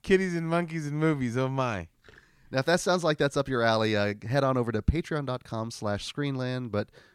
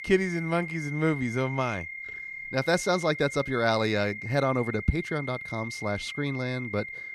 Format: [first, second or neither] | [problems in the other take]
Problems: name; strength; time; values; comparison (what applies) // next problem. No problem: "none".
first | high-pitched whine; loud; throughout; 2 kHz, 8 dB below the speech